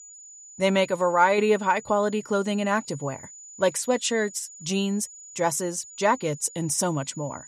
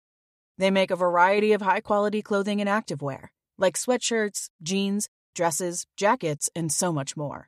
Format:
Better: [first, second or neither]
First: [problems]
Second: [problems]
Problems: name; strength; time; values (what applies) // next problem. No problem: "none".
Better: second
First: high-pitched whine; noticeable; throughout; 7 kHz, 20 dB below the speech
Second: none